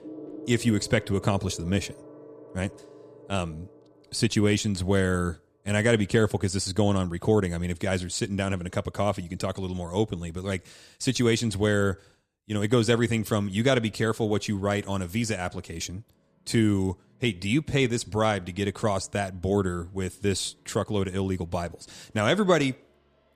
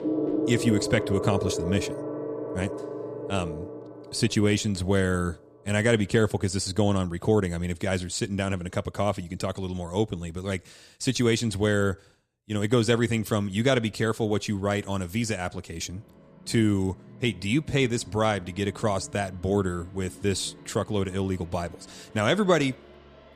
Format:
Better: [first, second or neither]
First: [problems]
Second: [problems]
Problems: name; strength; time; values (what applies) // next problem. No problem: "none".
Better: first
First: background music; faint; throughout; 20 dB below the speech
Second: background music; loud; throughout; 8 dB below the speech